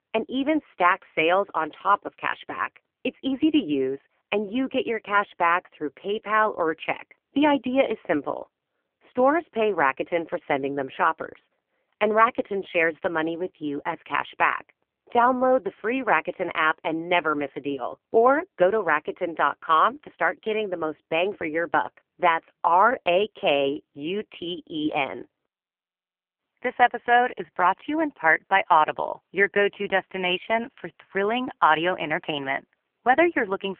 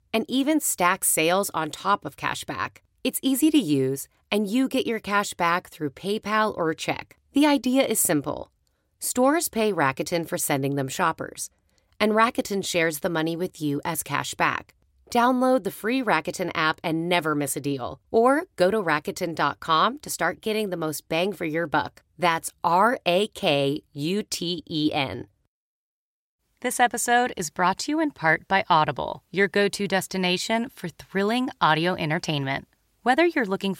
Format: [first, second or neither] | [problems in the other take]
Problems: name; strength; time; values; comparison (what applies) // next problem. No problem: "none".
second | phone-call audio; poor line; nothing above 3 kHz